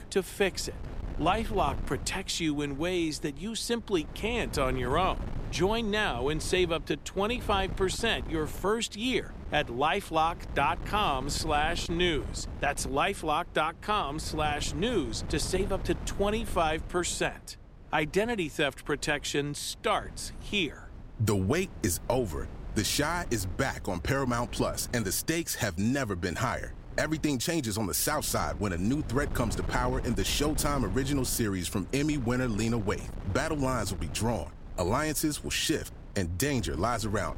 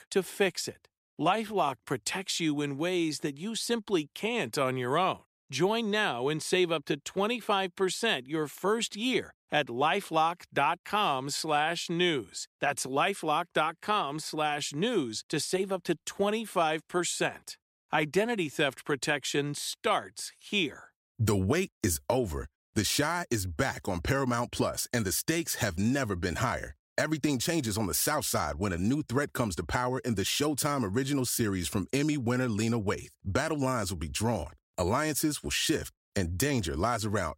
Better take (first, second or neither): second